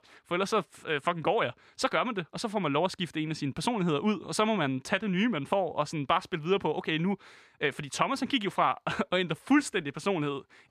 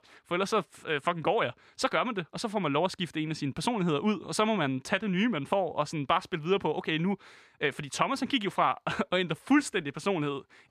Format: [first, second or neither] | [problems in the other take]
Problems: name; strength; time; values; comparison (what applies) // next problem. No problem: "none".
neither | none